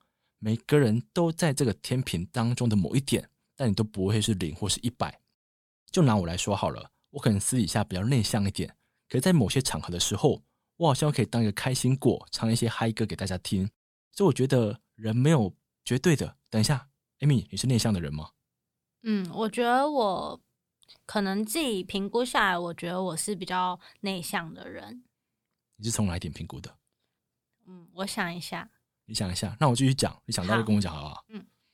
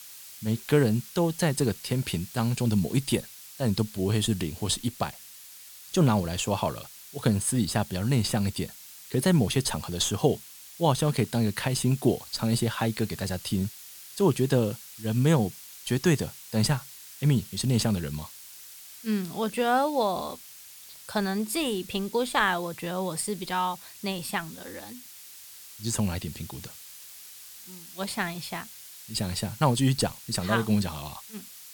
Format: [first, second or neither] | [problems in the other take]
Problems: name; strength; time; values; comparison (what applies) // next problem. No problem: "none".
first | hiss; noticeable; throughout; 15 dB below the speech